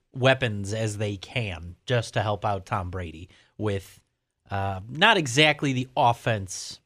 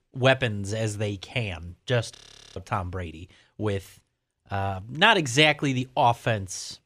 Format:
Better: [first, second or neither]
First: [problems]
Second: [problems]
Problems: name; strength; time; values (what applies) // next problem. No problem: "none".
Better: first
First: none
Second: audio freezing; at 2 s